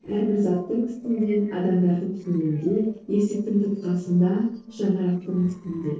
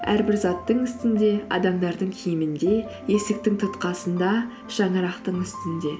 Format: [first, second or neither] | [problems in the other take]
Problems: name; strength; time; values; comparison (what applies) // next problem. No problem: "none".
second | noise reduction (neural separator model SepFormer DNS4)